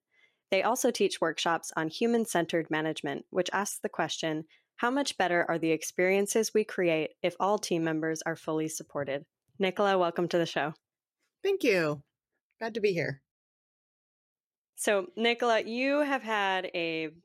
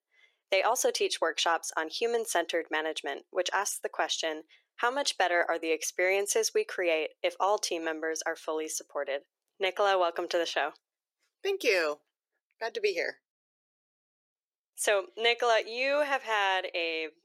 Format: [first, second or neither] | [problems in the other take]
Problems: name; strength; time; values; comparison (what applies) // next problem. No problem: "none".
first | thin; very; fading below 400 Hz